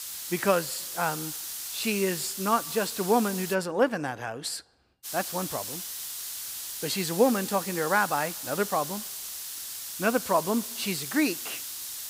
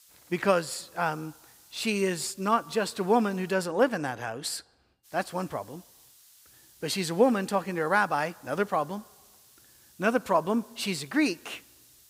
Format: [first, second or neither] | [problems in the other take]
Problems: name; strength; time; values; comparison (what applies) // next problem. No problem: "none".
second | hiss; loud; until 3.5 s and from 5 s on; 6 dB below the speech; faint in the second